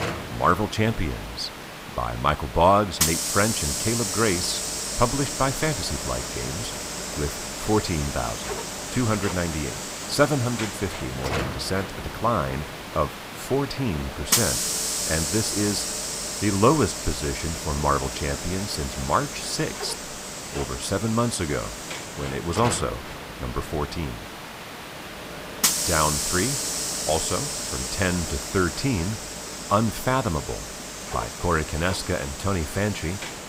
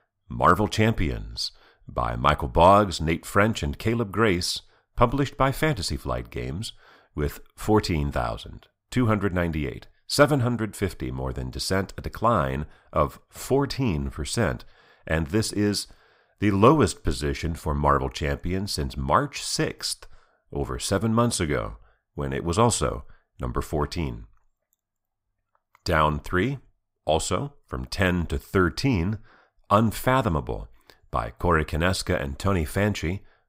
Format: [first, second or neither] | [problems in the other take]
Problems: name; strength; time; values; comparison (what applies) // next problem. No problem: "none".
second | hiss; loud; throughout; 3 dB below the speech